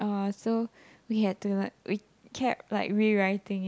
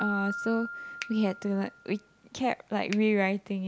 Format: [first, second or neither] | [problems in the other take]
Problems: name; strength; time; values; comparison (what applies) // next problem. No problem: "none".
first | background sound (Keyboard (musical) + Finger snapping); 11 dB below the speech